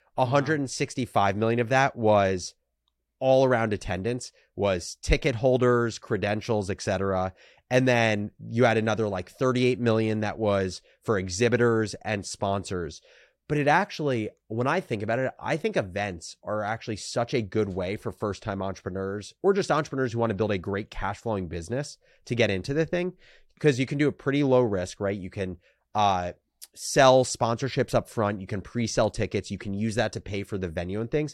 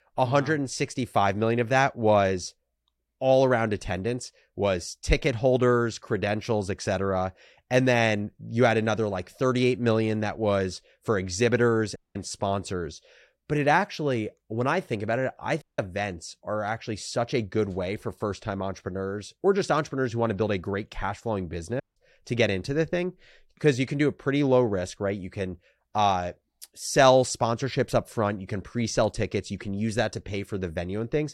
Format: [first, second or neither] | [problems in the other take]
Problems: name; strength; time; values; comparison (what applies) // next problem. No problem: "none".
first | audio cutting out; at 12 s, at 16 s and at 22 s